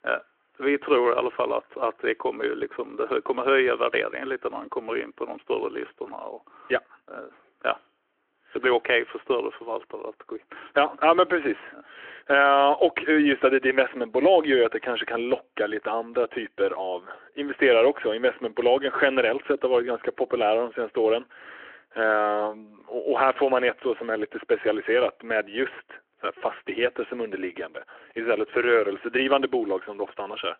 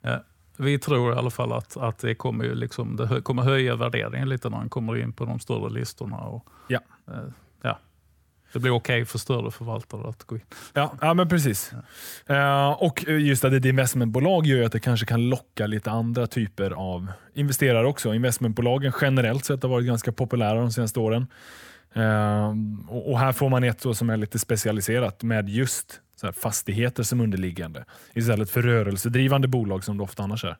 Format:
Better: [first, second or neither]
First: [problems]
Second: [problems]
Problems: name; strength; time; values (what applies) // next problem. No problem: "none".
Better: second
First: phone-call audio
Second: none